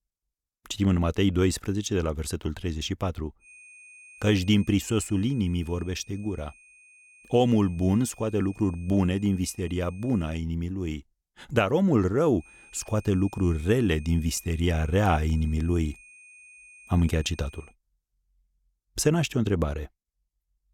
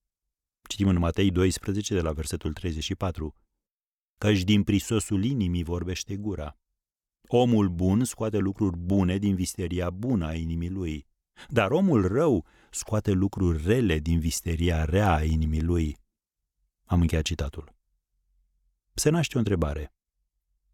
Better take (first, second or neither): second